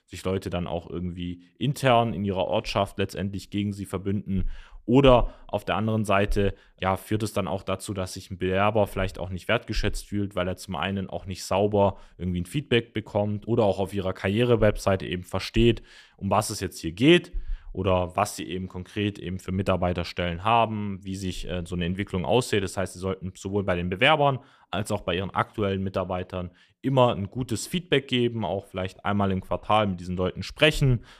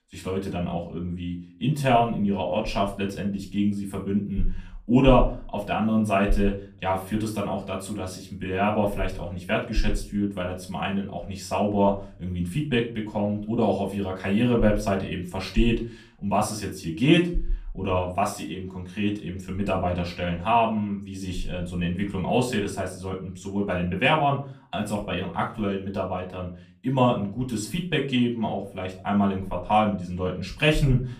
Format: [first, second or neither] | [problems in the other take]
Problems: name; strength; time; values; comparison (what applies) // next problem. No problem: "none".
first | room echo; slight; dies away in 0.3 s // off-mic speech; far